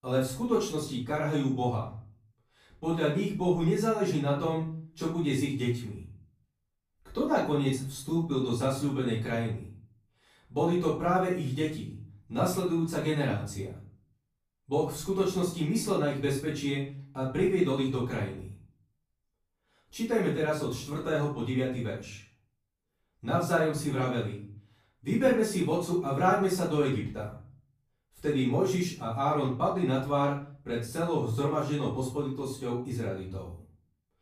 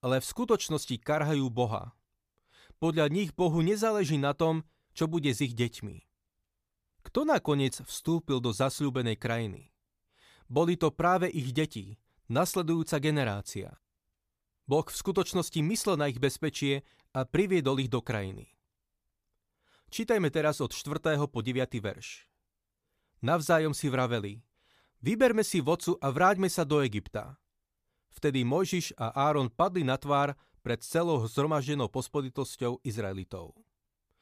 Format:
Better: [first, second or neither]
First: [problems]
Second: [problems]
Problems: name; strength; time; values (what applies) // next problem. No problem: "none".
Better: second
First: off-mic speech; far // room echo; noticeable; dies away in 0.4 s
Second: none